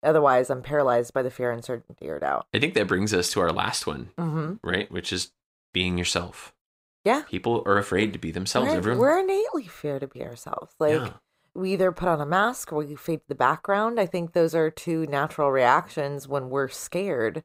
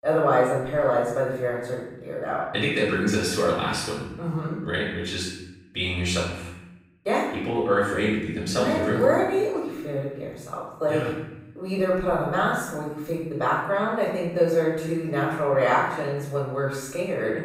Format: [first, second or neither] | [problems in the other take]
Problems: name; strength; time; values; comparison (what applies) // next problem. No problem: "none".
first | room echo; noticeable; dies away in 0.9 s // off-mic speech; far